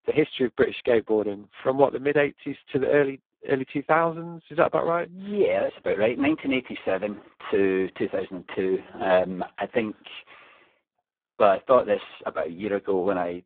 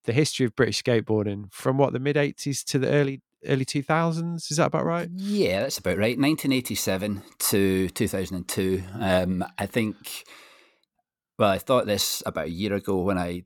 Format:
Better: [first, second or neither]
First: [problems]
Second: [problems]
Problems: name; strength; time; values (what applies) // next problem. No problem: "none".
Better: second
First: phone-call audio; poor line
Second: none